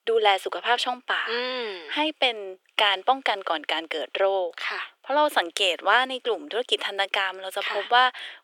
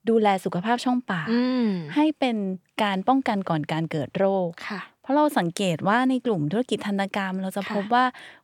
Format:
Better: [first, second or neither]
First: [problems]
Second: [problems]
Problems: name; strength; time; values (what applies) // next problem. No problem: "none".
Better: second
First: thin; very; fading below 350 Hz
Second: none